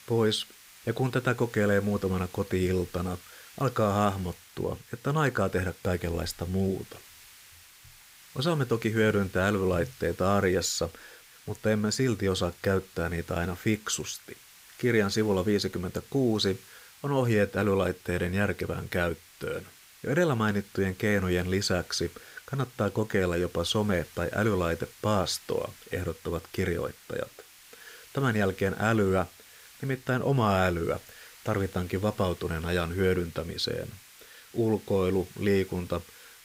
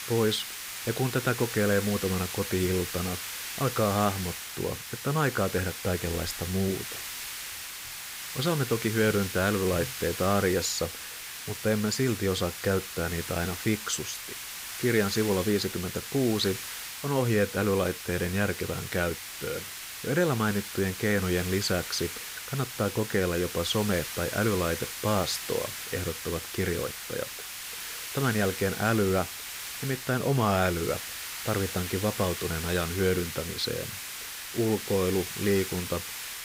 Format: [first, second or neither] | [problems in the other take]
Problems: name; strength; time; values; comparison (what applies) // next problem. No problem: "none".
first | hiss; loud; throughout; 6 dB below the speech; faint in the first